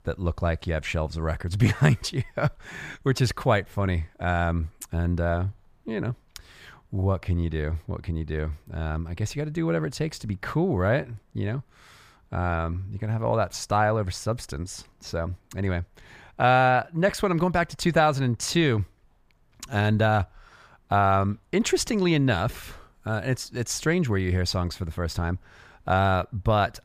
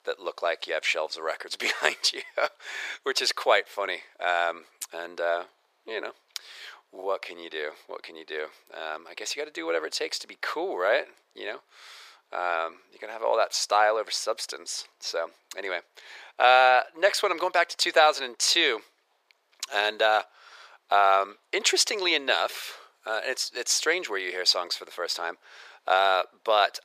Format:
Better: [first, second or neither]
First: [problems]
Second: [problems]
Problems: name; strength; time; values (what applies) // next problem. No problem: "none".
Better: first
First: none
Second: thin; very; fading below 400 Hz